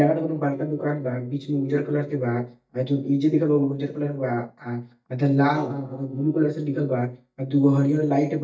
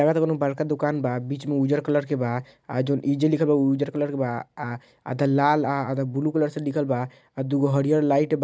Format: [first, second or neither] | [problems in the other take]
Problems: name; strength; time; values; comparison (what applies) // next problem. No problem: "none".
second | noise reduction (neural mask model DeepFilterNet 3)